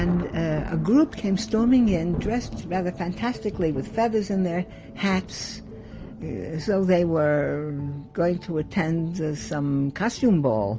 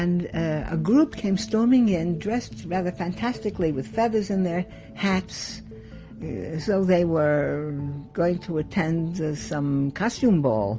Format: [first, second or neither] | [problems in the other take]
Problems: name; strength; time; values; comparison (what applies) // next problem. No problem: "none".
second | background sound (Thunder); 15 dB below the speech